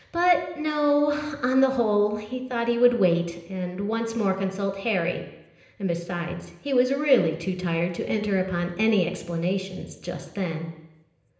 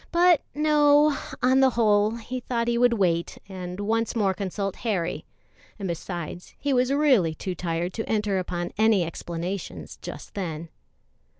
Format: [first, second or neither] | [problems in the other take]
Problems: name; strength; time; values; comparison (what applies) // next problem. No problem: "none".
second | room echo; dies away in 0.9 s